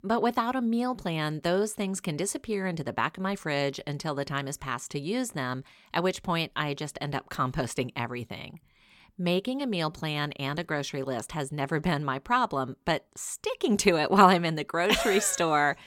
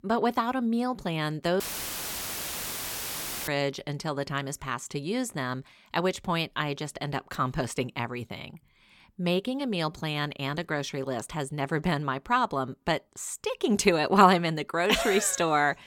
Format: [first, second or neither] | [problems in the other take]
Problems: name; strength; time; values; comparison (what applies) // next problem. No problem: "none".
first | audio cutting out; filled with static; at 1.5 s for 2 s